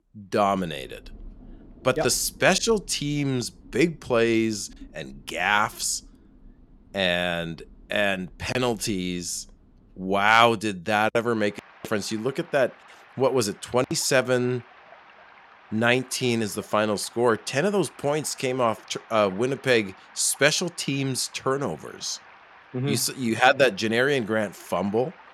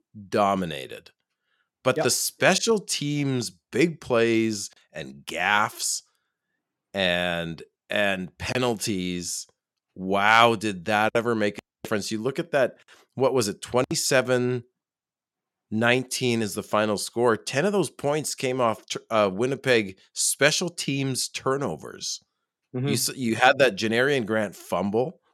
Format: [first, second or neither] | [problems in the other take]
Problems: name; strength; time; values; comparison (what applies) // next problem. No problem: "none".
second | rain or running water; faint; throughout; 25 dB below the speech